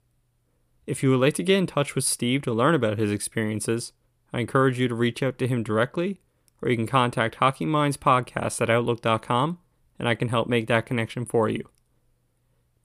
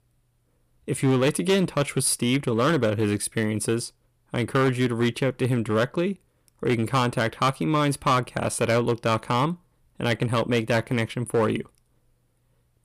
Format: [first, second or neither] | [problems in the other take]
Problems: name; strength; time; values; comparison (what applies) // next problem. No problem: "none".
first | distortion; slight; 5% of the sound clipped